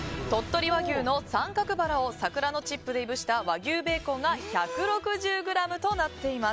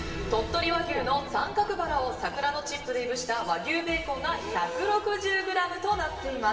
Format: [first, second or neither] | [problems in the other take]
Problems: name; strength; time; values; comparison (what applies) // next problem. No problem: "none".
first | room echo; dies away in 2.4 s